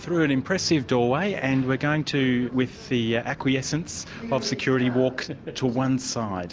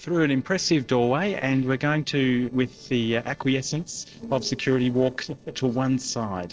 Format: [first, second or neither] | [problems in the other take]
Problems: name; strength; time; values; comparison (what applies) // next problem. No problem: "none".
first | noise reduction (neural separator model SepFormer DNS4)